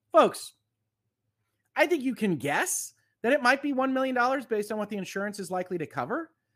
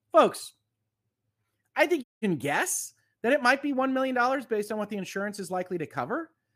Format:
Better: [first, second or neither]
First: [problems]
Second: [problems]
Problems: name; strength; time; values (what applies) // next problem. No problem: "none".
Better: first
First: none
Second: audio cutting out; at 2 s